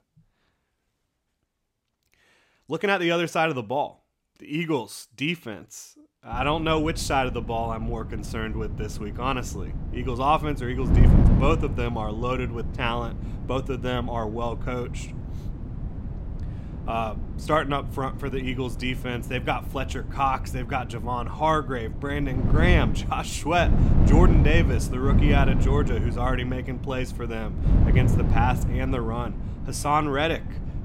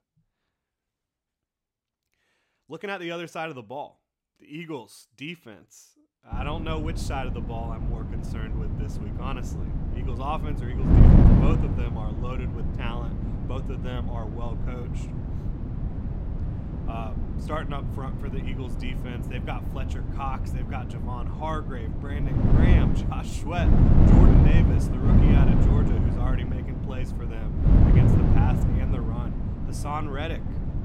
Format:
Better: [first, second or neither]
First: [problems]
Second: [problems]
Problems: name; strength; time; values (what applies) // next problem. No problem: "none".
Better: first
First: wind noise on the microphone; occasional gusts; from 6.5 s on; 10 dB below the speech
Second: wind noise on the microphone; heavy; from 6.5 s on; 1 dB above the speech